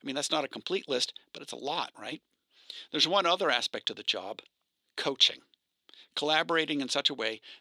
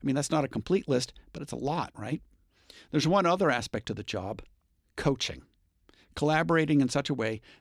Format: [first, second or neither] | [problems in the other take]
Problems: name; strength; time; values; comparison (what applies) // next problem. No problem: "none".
second | thin; somewhat; fading below 400 Hz